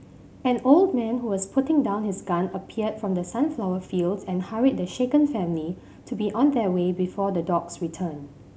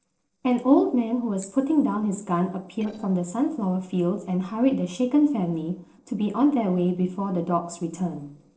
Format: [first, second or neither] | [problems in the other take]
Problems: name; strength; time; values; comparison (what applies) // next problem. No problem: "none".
first | noise reduction (neural separator model SepFormer DNS4)